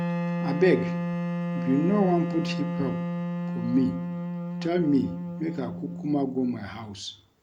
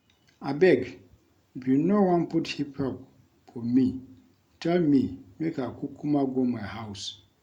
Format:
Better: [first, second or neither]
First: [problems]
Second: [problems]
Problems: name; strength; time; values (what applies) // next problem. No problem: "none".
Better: second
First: background sound (Wind instrument, woodwind instrument); 3 dB below the speech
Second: none